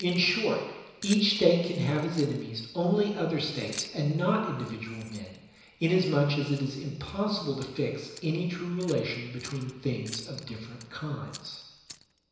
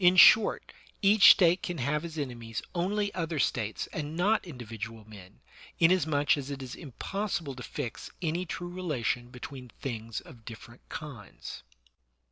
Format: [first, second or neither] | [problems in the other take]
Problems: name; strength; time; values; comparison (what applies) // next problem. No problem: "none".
second | background sound (Keys jangling); 19 dB below the speech // room echo; dies away in 1 s